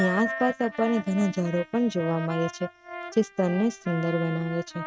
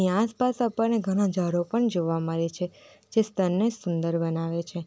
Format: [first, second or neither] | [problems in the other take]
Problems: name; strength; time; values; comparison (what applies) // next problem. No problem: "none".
second | noise reduction (neural mask model RNNoise)